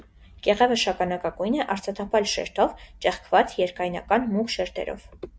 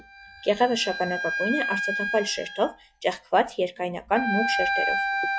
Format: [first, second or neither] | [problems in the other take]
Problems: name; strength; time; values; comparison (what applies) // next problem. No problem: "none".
first | noise reduction (classical method log-MMSE)